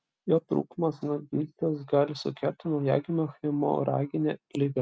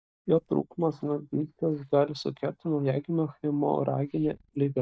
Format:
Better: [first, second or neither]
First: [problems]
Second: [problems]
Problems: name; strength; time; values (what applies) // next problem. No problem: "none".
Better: first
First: none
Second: noise reduction (neural mask model DeepFilterNet 3)